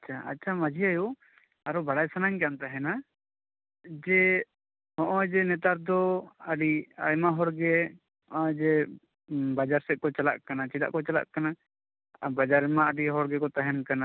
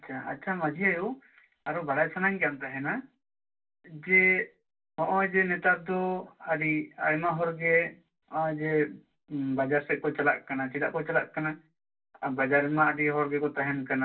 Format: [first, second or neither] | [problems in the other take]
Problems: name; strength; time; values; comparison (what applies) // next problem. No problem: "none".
first | room echo; dies away in 0.2 s